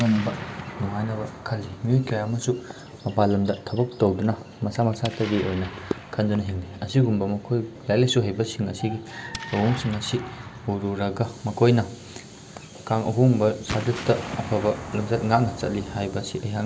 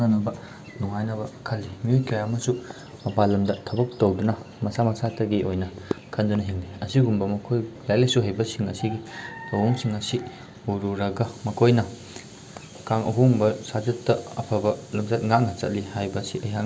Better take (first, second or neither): second